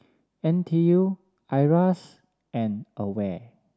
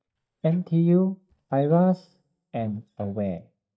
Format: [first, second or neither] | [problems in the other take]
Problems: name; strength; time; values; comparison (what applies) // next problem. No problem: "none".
first | noise reduction (neural mask model DeepFilterNet 3)